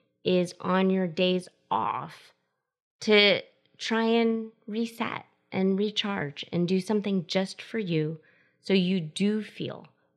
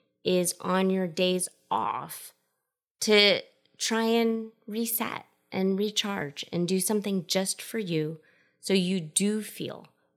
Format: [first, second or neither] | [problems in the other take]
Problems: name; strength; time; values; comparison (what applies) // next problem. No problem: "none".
second | muffled; very slightly; fading above 3 kHz